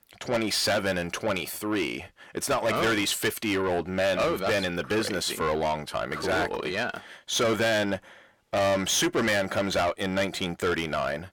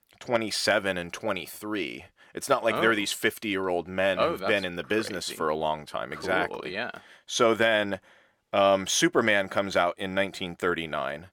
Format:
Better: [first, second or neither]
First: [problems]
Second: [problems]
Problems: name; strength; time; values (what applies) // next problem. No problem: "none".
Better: second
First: distortion; heavy; 6 dB below the speech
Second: none